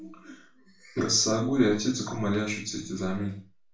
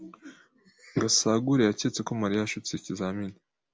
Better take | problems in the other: second | room echo; dies away in 0.3 s

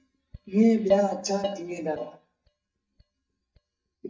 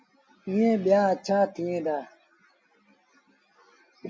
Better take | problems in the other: second | noise reduction (neural mask model DeepFilterNet 3)

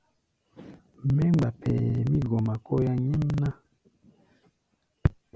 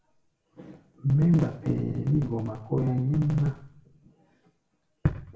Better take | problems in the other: first | room echo; dies away in 0.6 s

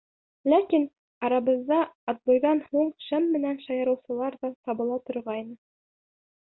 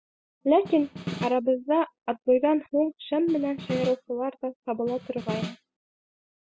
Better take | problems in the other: first | noise reduction (classical method spectral subtraction)

